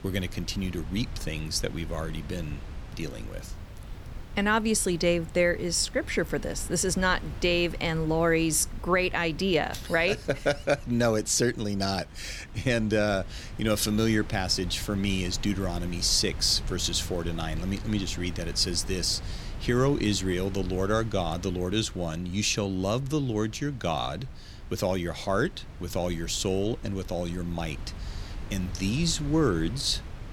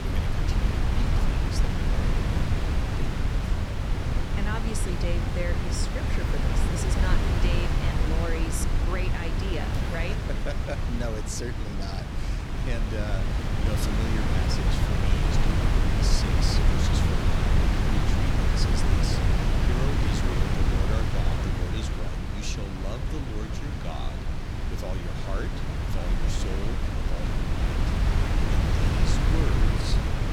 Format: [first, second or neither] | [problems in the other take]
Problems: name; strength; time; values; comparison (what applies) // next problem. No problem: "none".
first | wind noise on the microphone; heavy; 4 dB above the speech; occasional gusts in the first